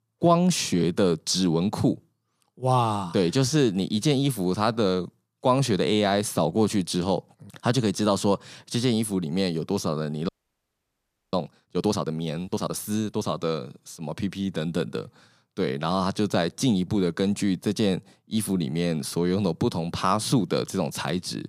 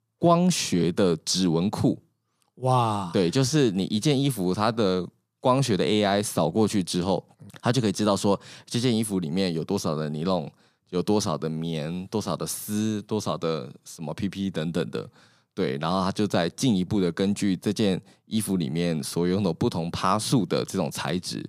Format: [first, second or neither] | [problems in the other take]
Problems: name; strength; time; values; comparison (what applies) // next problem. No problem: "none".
second | audio freezing; at 10 s for 1 s